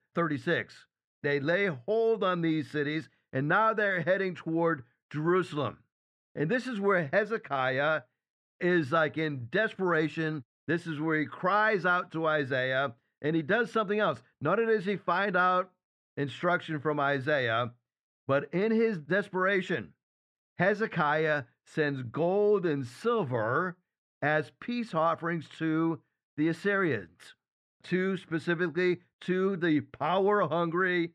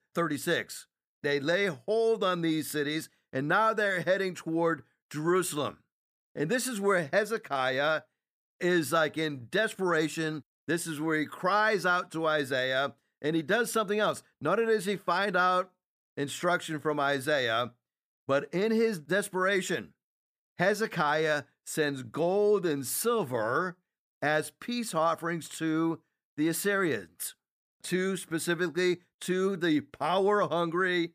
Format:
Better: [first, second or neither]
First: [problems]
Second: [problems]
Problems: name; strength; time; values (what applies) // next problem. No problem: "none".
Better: second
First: muffled; slightly; fading above 2.5 kHz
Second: none